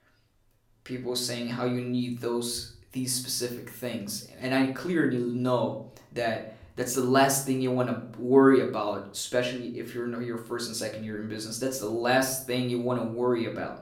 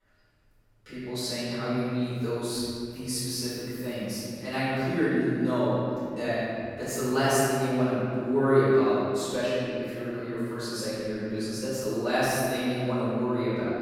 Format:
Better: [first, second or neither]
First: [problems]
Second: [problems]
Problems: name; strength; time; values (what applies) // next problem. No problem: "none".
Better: first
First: room echo; slight; dies away in 0.4 s // off-mic speech; somewhat distant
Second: room echo; strong; dies away in 2.5 s // off-mic speech; far